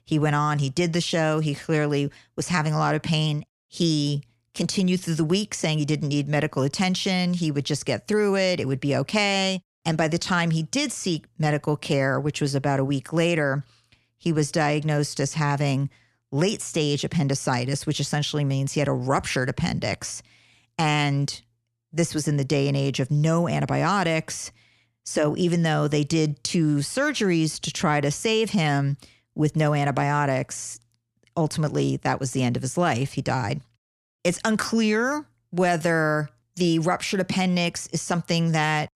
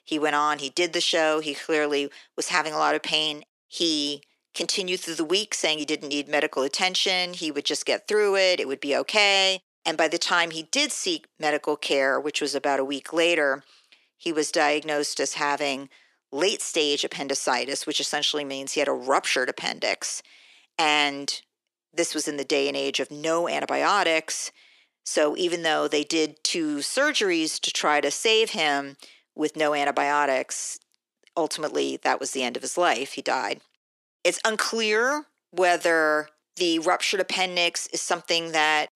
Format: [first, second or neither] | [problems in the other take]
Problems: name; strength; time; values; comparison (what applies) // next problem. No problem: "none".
first | thin; very; fading below 350 Hz